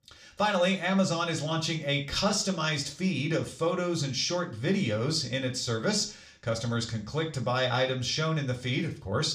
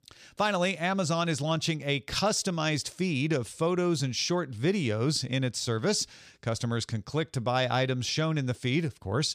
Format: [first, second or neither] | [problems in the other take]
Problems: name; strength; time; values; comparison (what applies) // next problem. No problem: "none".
second | room echo; very slight; dies away in 0.4 s // off-mic speech; somewhat distant